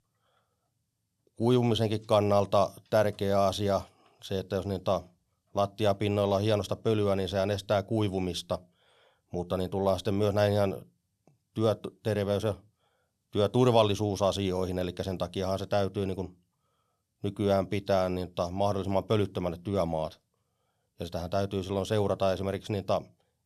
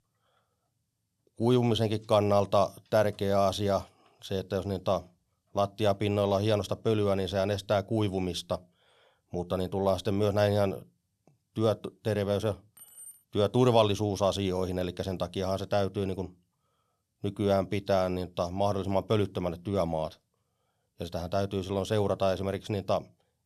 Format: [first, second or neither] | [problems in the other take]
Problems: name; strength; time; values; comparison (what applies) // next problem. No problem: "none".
first | jangling keys; faint; at 13 s; peak 15 dB below the speech